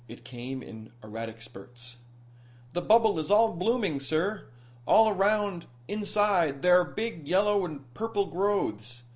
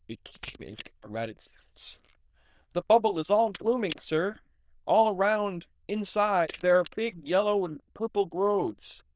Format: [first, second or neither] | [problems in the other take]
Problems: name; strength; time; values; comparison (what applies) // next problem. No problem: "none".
first | noise reduction (neural diffusion model UNIVERSE++)